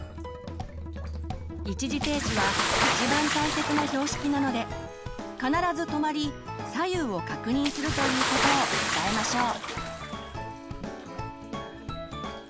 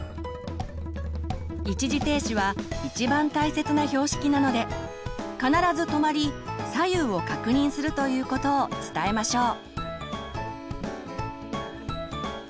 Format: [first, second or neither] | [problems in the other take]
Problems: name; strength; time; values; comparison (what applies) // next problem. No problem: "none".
second | background sound (Bathtub (filling or washing) / Splash, splatter); 2 dB below the speech